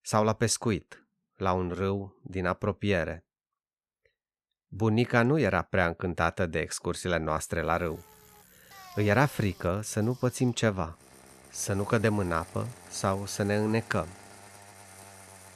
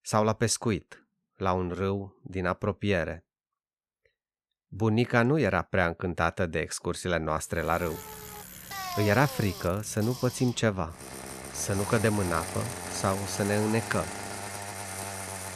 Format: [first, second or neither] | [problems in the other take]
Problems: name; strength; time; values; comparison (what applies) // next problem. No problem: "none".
first | traffic noise; loud; from 7.5 s on; 9 dB below the speech; faint in the first